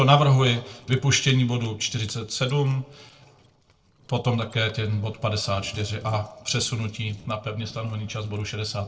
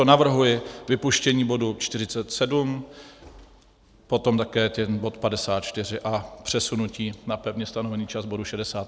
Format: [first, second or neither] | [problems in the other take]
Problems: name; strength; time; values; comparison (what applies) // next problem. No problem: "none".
second | noise reduction (neural separator model SepFormer DNS4)